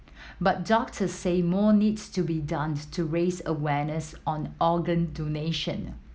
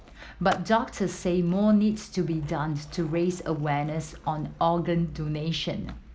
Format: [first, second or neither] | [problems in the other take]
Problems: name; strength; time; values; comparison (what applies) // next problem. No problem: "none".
first | background sound (Skateboard); 20 dB below the speech